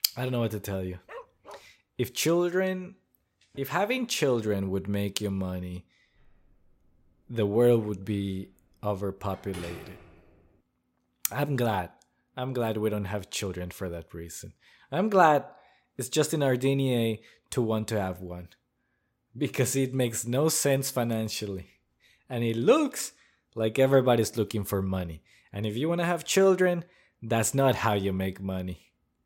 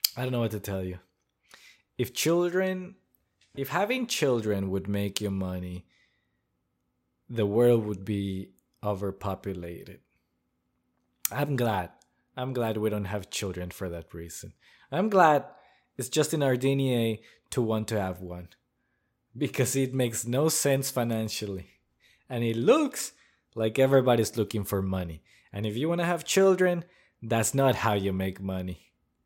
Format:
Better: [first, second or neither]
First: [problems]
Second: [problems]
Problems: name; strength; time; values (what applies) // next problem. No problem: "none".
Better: second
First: dog barking; faint; at 1 s; peak 20 dB below the speech // phone ringing; faint; from 6 to 10 s; peak 15 dB below the speech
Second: none